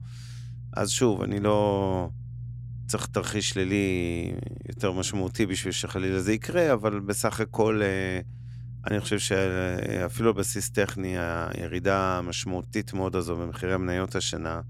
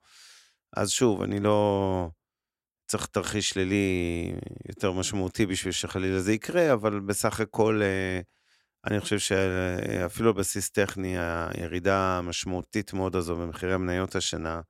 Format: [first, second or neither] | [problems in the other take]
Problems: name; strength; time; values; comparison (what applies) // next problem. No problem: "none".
second | low rumble; faint; throughout; 25 dB below the speech